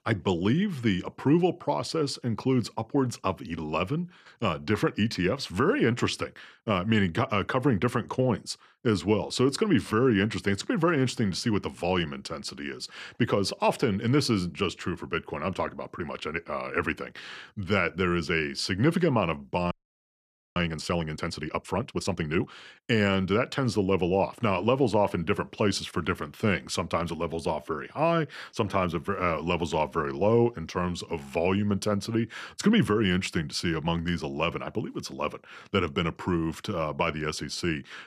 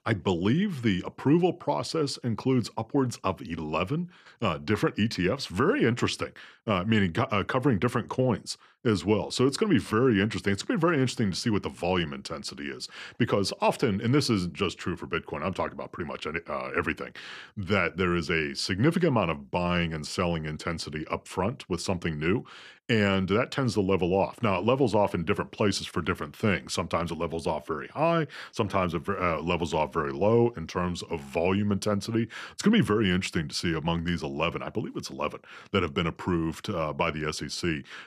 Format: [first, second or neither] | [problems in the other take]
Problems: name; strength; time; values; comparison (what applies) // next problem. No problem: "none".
second | audio freezing; at 20 s for 1 s